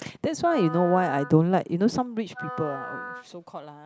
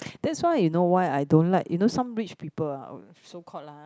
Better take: second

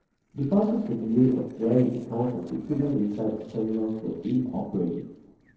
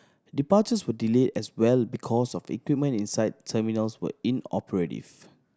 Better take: second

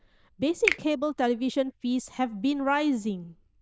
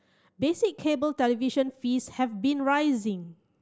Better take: second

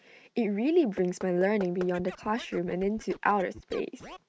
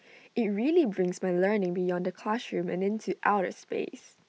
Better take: second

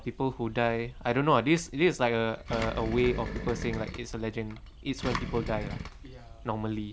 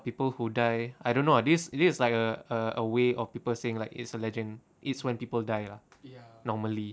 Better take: second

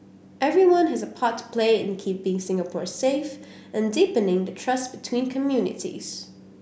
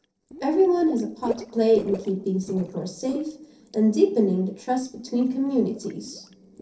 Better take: first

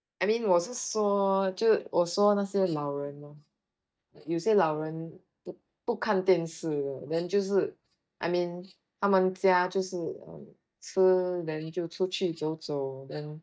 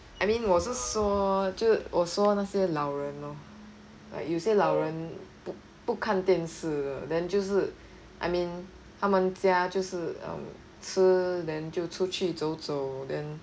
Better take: second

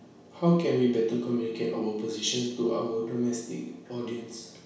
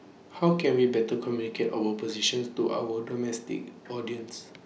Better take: second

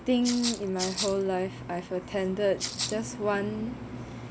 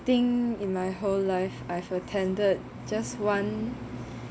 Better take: second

